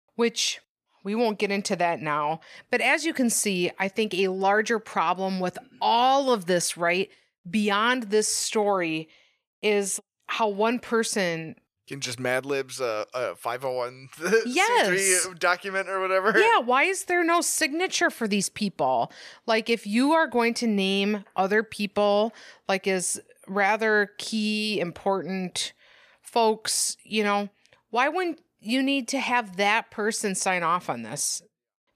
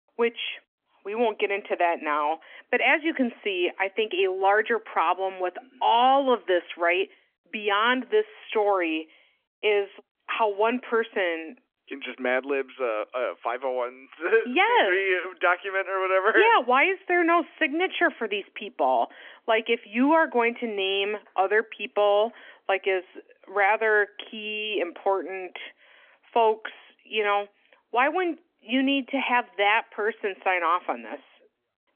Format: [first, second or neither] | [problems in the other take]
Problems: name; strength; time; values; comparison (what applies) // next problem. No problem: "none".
first | phone-call audio; nothing above 3.5 kHz